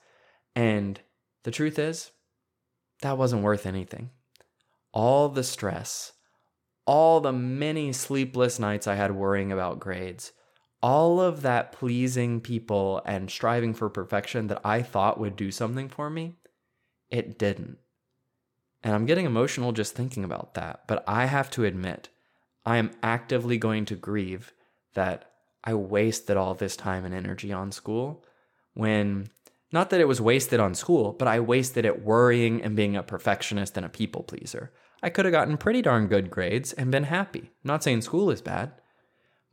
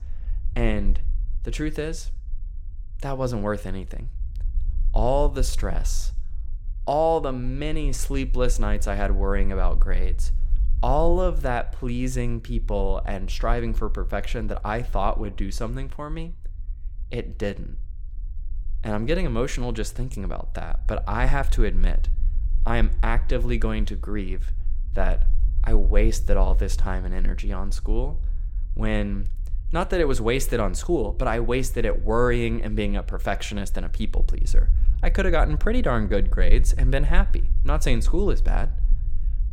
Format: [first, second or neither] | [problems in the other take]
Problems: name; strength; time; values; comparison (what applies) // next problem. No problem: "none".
first | low rumble; faint; throughout; 25 dB below the speech